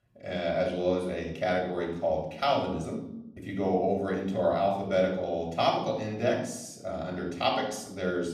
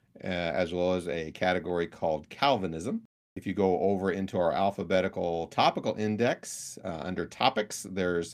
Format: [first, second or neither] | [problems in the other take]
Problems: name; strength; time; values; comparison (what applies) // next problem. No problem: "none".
second | off-mic speech; somewhat distant // room echo; noticeable; dies away in 0.6 s